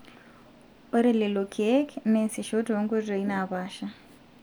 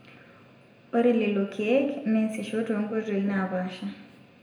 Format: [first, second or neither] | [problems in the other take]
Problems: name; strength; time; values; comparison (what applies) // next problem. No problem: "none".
first | room echo; dies away in 0.7 s